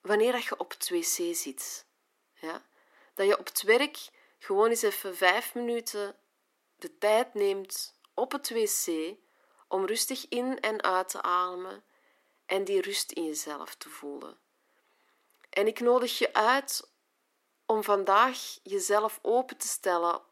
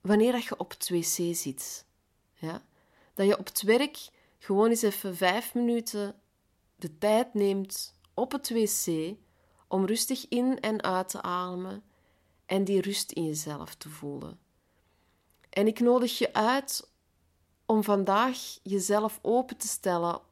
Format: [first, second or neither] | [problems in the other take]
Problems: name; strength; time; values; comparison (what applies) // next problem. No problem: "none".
second | thin; somewhat; fading below 300 Hz